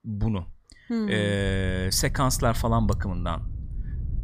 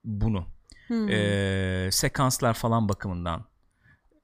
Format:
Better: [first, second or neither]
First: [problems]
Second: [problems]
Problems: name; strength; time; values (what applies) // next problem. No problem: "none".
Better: second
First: low rumble; faint; from 1.5 s on; 20 dB below the speech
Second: none